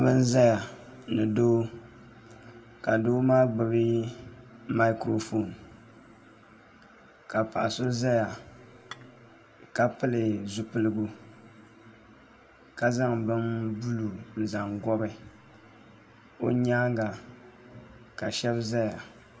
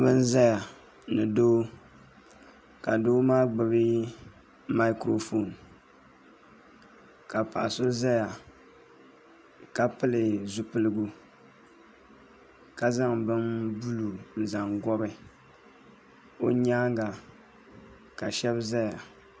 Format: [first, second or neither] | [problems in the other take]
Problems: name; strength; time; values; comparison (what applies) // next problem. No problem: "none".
second | background sound (Dishes, pots, and pans / Chink, clink); 19 dB below the speech // room echo; dies away in 0.9 s